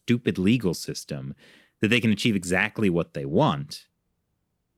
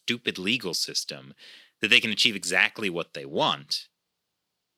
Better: first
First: none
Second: thin; somewhat; fading below 850 Hz

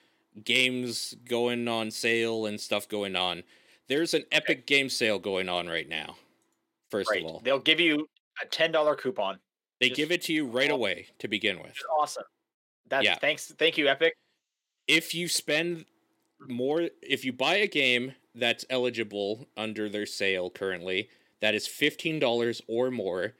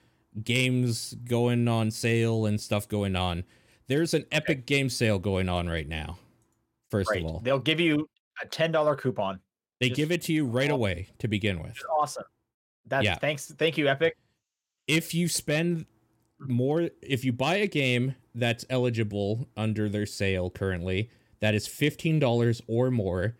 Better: second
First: thin; somewhat; fading below 350 Hz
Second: none

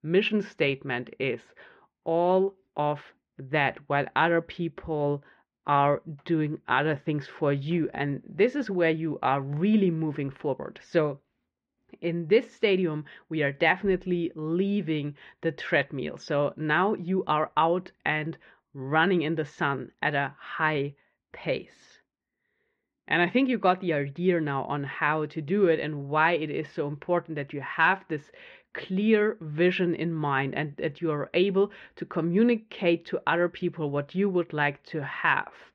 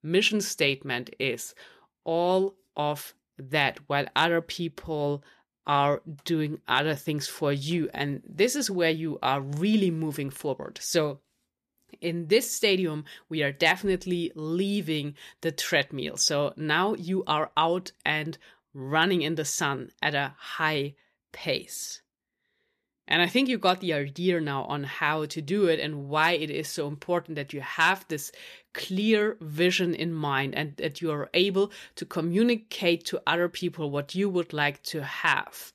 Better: second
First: muffled; very; fading above 2.5 kHz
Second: none

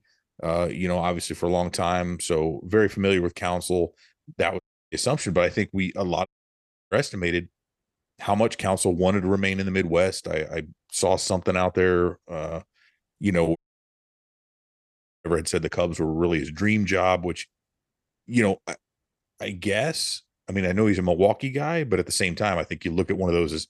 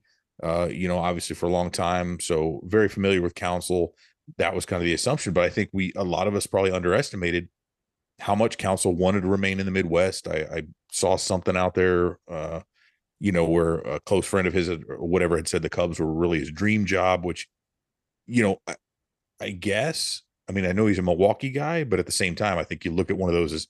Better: second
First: audio cutting out; at 4.5 s, at 6.5 s for 0.5 s and at 14 s for 1.5 s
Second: none

